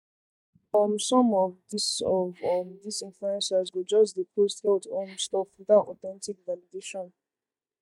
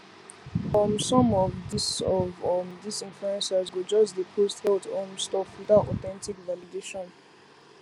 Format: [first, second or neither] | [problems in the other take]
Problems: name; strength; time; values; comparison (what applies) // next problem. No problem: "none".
second | noise reduction (neural mask model DeepFilterNet 3)